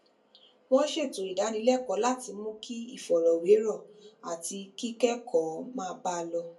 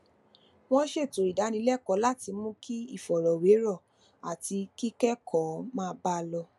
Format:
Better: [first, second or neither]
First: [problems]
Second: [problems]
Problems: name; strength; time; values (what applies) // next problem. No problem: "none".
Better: second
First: room echo; dies away in 0.2 s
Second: none